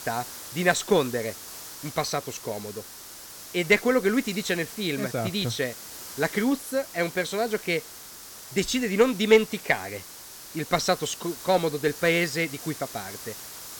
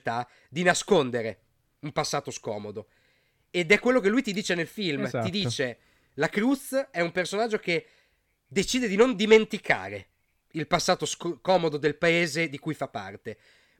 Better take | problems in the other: second | hiss; noticeable; throughout; 15 dB below the speech

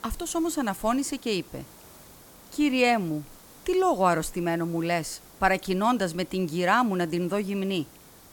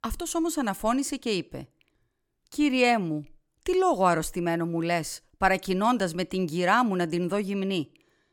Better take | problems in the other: second | hiss; faint; throughout; 25 dB below the speech

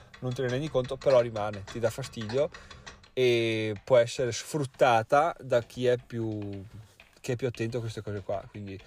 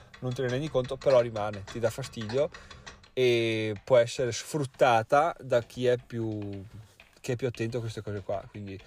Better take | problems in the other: neither | household noises; faint; throughout; 20 dB below the speech; the same in both

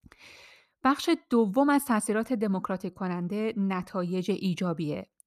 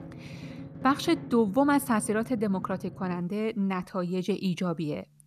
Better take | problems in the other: first | background music; noticeable; throughout; 15 dB below the speech

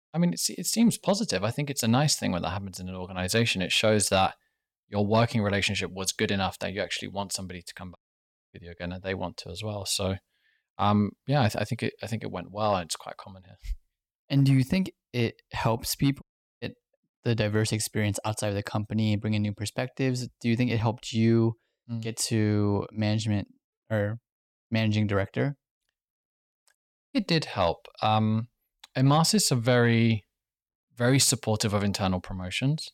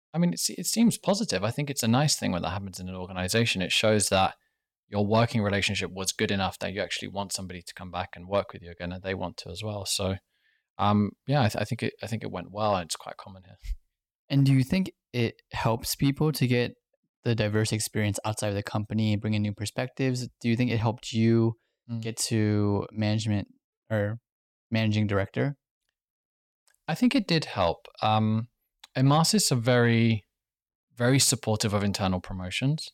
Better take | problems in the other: second | audio cutting out; at 8 s for 0.5 s, at 16 s and at 27 s

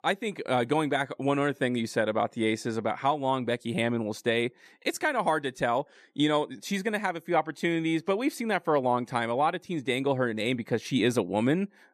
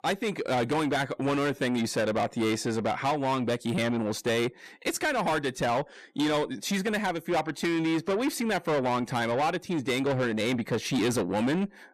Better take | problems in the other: first | distortion; heavy; 8 dB below the speech

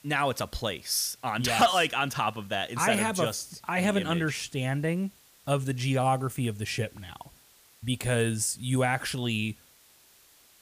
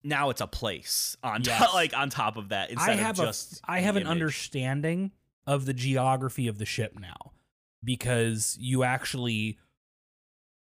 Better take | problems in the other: second | hiss; faint; throughout; 30 dB below the speech

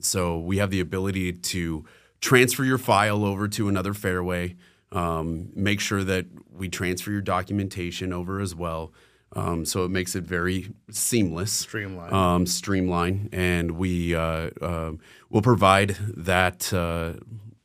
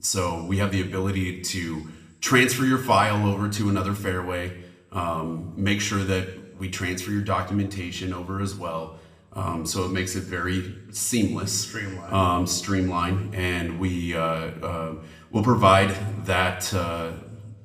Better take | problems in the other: first | room echo; very slight; dies away in 0.7 s // off-mic speech; somewhat distant

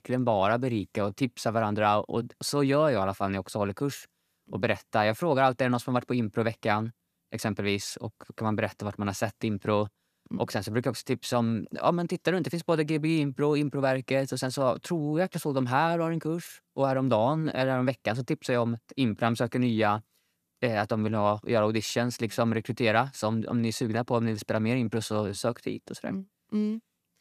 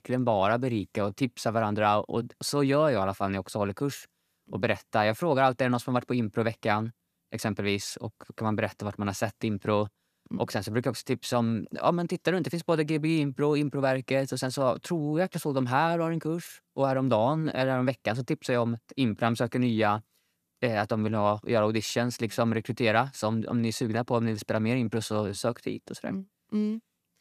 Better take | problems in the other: neither | none

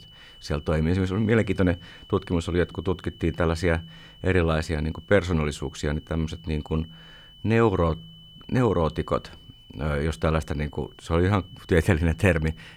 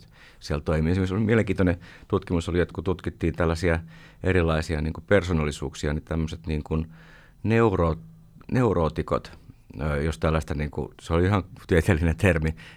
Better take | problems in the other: second | high-pitched whine; faint; throughout; 3 kHz, 25 dB below the speech

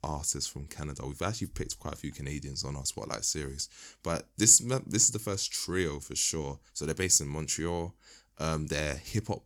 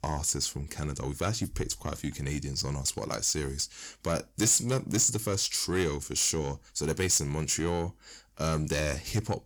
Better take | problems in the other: first | distortion; heavy; 7 dB below the speech

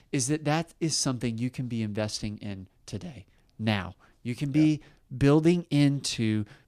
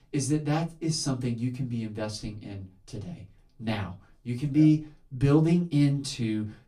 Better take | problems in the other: first | off-mic speech; far // room echo; very slight; dies away in 0.2 s

